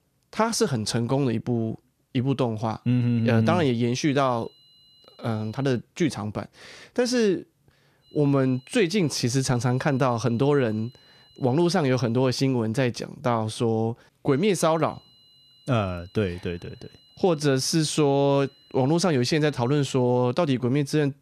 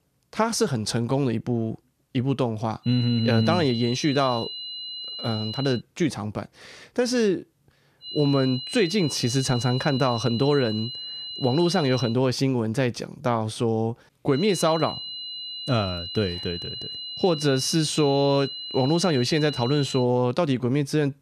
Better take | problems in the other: first | high-pitched whine; loud; from 3 to 6 s, from 8 to 12 s and from 14 to 20 s; 4 kHz, 8 dB below the speech; faint in the first

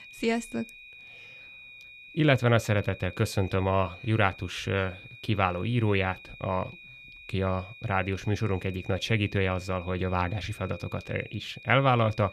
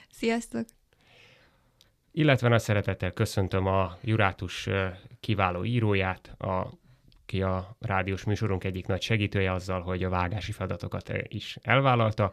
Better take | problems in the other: second | high-pitched whine; noticeable; throughout; 2.5 kHz, 15 dB below the speech

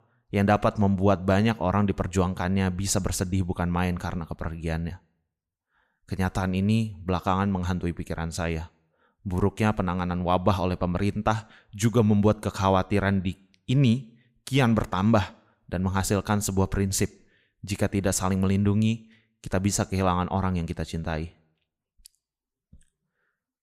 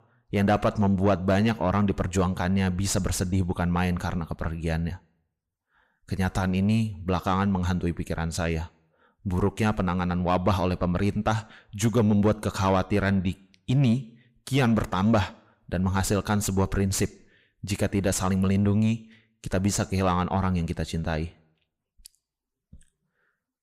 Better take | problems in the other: first | distortion; slight; 10 dB below the speech

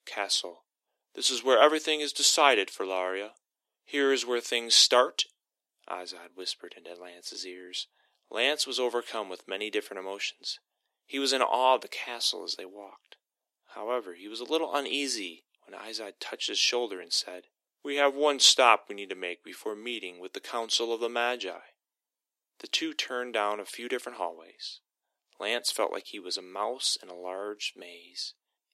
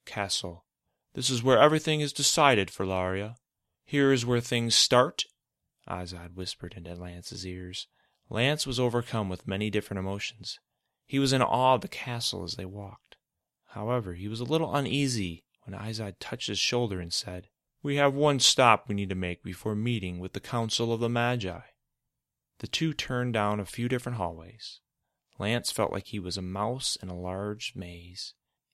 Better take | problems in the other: second | thin; somewhat; fading below 300 Hz

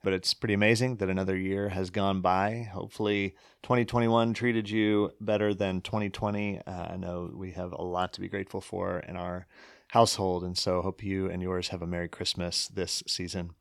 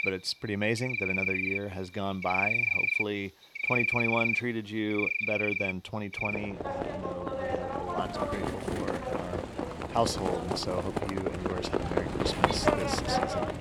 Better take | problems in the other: first | animal sounds; very loud; throughout; 4 dB above the speech

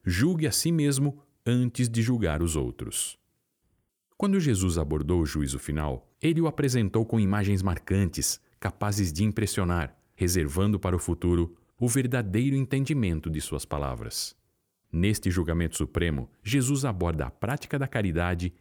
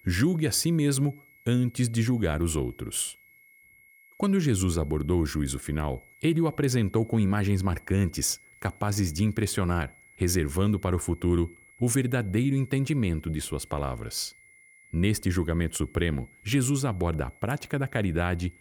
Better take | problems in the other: first | high-pitched whine; faint; throughout; 2 kHz, 25 dB below the speech

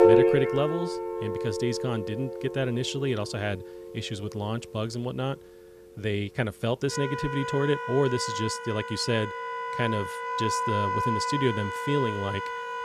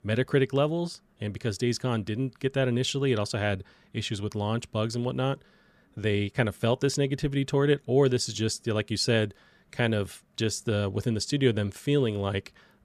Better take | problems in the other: second | background music; loud; throughout; 1 dB below the speech

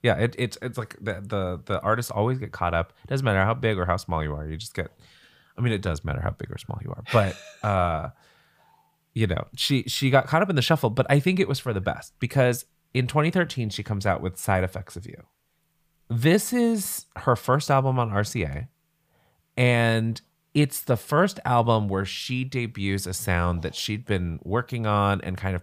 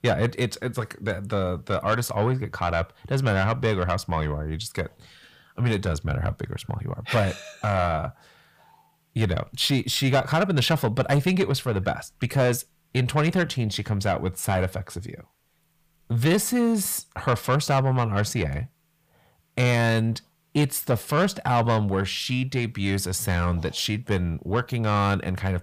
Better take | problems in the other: first | distortion; slight; 10 dB below the speech

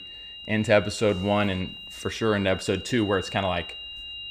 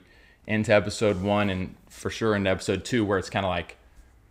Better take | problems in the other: second | high-pitched whine; noticeable; throughout; 3 kHz, 10 dB below the speech

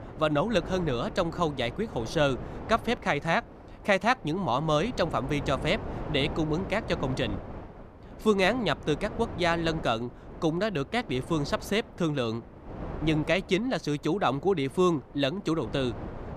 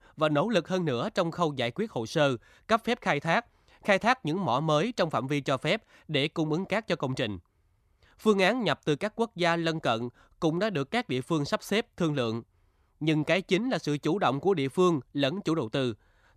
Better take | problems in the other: second | wind noise on the microphone; occasional gusts; 15 dB below the speech

